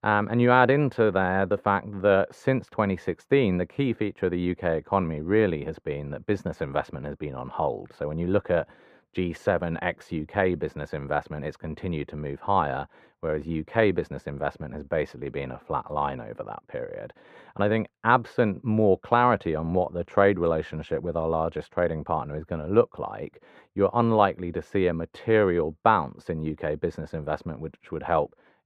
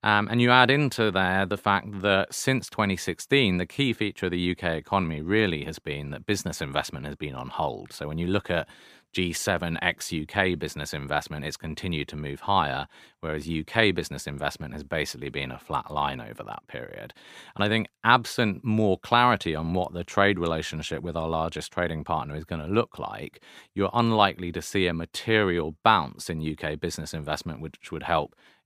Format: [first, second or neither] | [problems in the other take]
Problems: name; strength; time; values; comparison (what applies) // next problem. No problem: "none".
second | muffled; very; fading above 3 kHz